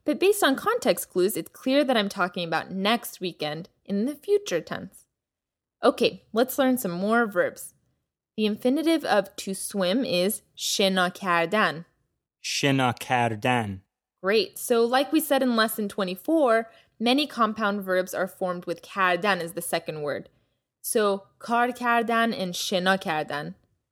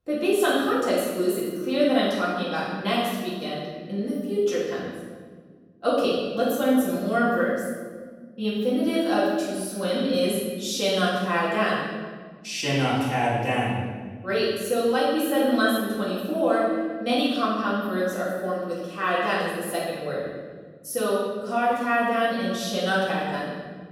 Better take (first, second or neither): first